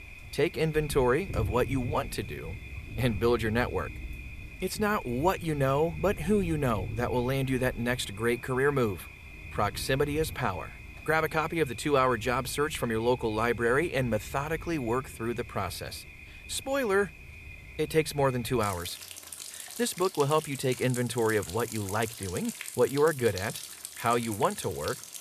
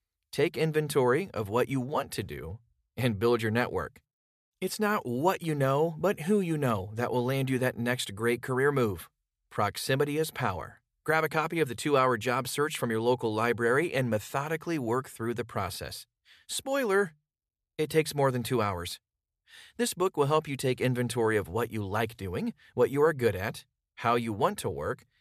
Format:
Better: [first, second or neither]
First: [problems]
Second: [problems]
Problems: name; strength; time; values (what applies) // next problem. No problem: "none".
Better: second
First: rain or running water; noticeable; throughout; 10 dB below the speech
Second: none